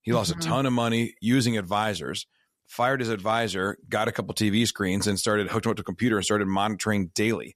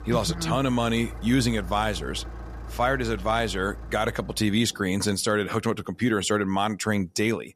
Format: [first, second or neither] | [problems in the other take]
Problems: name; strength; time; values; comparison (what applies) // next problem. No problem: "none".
first | traffic noise; noticeable; throughout; 15 dB below the speech